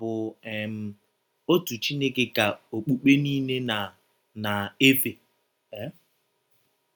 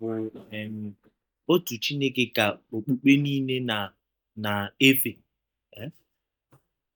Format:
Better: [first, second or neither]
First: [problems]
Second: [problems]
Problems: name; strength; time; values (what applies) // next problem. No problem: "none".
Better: first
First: none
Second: noise reduction (neural mask model DeepFilterNet 3)